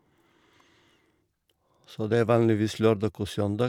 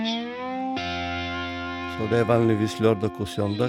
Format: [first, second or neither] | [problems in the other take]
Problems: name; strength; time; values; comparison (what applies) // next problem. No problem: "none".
first | background sound (Guitar); 5 dB below the speech